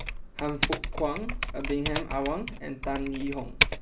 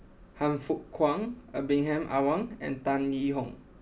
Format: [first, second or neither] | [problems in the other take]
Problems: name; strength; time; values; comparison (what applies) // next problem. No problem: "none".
second | background sound (Typing); 1 dB above the speech